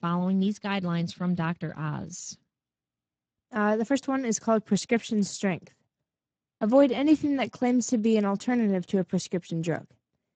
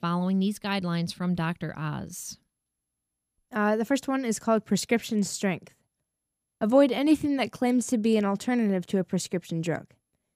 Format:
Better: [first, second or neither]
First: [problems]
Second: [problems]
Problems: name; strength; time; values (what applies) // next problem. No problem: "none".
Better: second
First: garbled, watery; badly; nothing above 7.5 kHz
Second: none